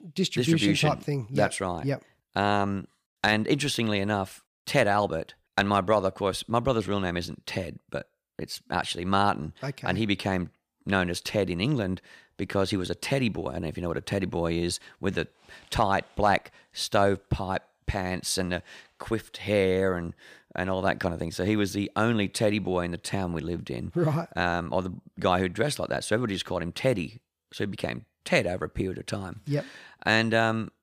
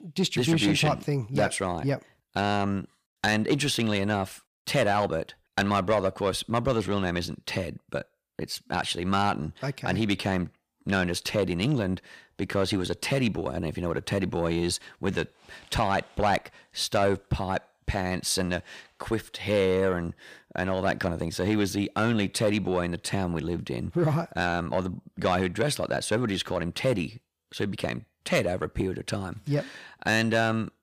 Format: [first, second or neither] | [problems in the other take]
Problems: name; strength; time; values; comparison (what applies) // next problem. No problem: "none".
first | distortion; slight; 10 dB below the speech